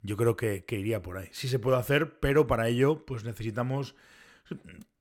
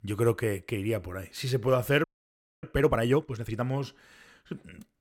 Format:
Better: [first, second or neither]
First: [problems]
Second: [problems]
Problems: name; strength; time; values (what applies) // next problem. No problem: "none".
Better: first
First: none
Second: audio freezing; at 2 s for 0.5 s